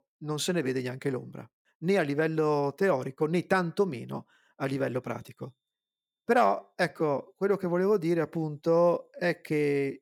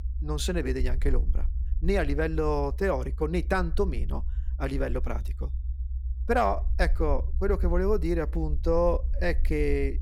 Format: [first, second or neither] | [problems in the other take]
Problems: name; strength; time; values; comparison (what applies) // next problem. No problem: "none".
first | low rumble; faint; throughout; 25 dB below the speech